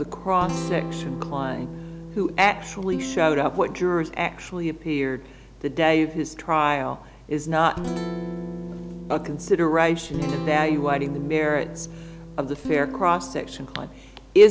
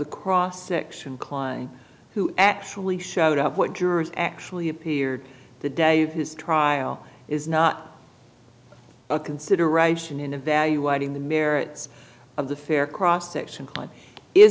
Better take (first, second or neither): second